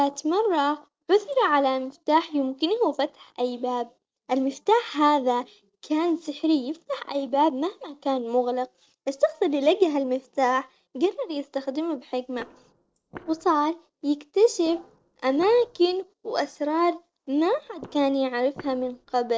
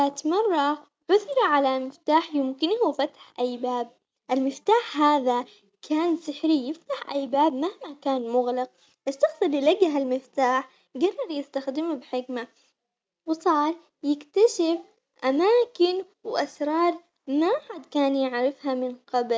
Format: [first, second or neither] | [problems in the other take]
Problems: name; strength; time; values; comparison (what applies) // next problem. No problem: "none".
second | noise reduction (neural separator model SepFormer DNS4)